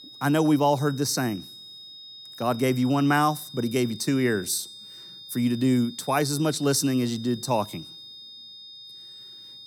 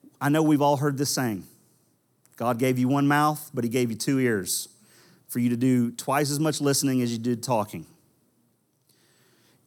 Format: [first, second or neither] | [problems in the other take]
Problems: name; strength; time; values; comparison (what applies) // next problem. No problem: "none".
second | high-pitched whine; noticeable; throughout; 3.5 kHz, 15 dB below the speech